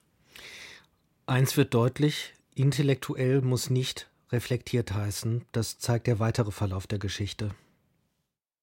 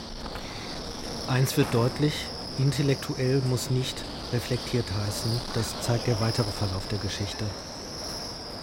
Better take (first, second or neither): first